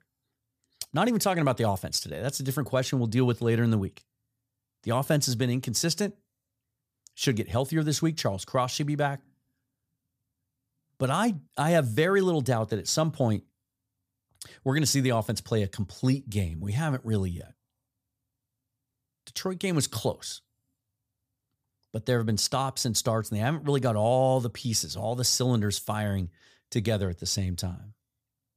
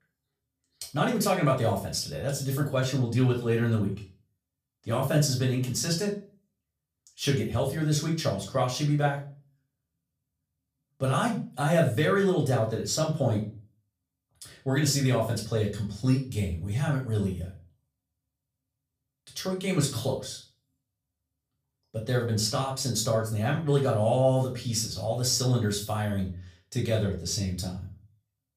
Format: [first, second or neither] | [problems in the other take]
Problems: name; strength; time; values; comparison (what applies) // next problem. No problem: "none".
first | room echo; slight; dies away in 0.3 s // off-mic speech; far